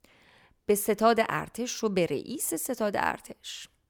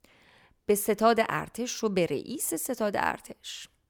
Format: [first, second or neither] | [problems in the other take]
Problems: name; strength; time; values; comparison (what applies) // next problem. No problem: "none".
neither | none